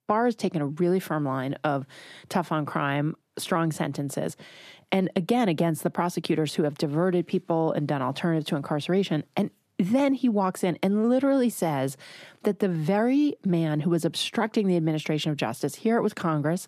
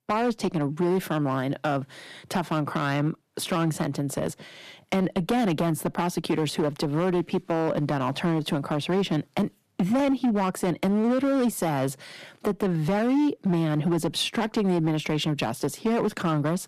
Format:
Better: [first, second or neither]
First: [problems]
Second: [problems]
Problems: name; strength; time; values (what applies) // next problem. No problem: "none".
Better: first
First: none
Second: distortion; slight; 11% of the sound clipped